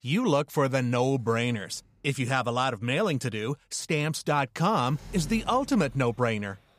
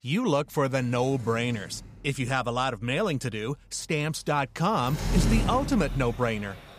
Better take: first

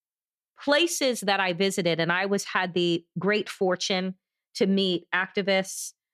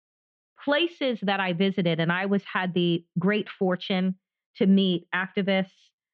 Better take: first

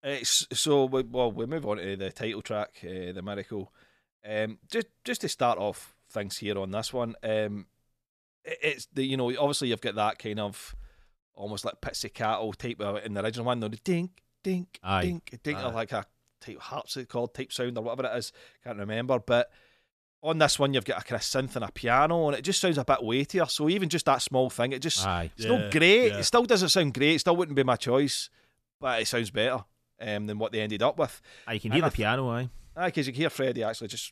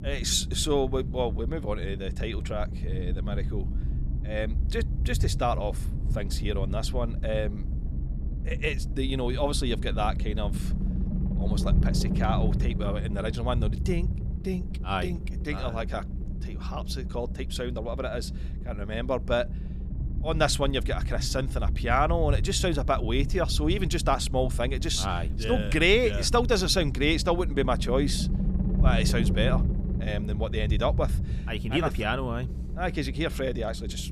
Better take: first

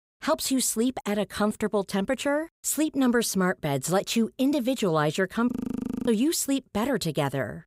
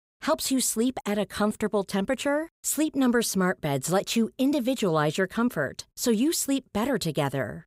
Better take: second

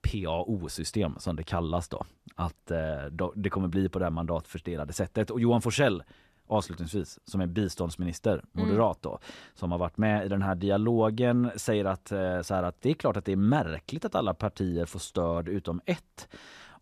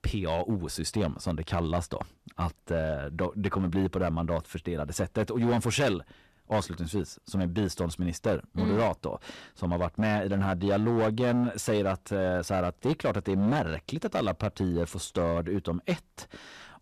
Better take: first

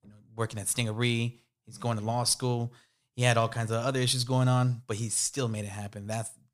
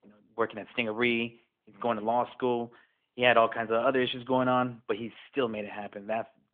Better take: first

